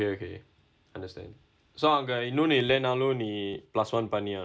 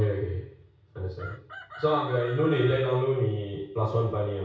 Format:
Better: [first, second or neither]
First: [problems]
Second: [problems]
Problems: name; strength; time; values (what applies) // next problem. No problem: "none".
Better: first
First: none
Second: background sound (Chicken, rooster); 16 dB below the speech // room echo; dies away in 0.6 s